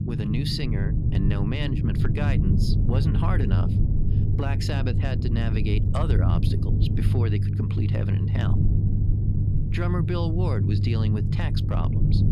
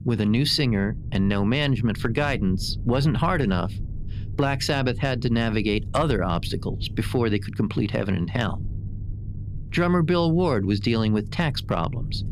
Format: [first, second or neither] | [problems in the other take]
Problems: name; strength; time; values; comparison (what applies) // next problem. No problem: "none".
second | low rumble; loud; throughout; 2 dB below the speech; faint in the second